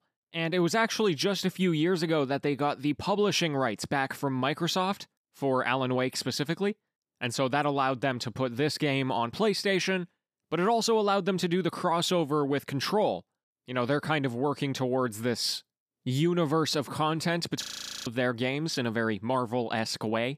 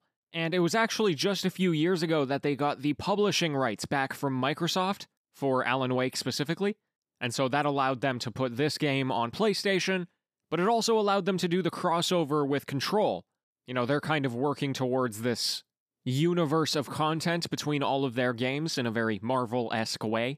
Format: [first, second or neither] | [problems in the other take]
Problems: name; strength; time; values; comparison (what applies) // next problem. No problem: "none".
second | audio freezing; at 18 s